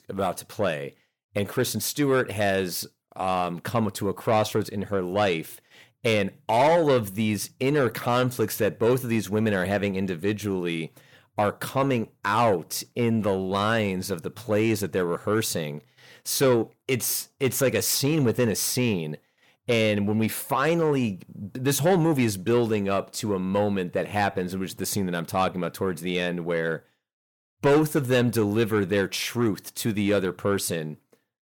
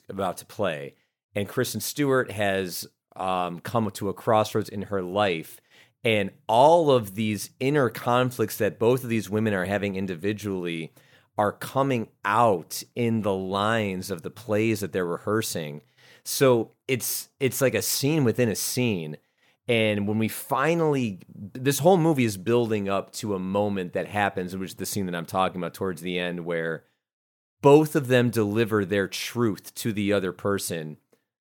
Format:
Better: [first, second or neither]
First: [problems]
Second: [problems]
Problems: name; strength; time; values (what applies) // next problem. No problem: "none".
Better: second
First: distortion; slight; 10 dB below the speech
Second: none